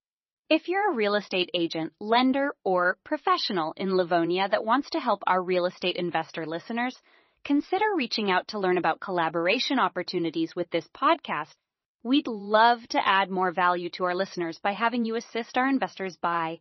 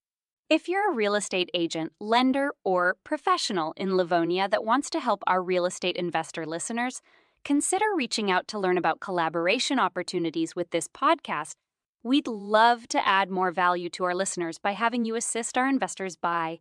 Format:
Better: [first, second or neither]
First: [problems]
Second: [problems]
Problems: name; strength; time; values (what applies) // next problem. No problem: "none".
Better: second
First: garbled, watery; slightly; nothing above 6 kHz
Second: none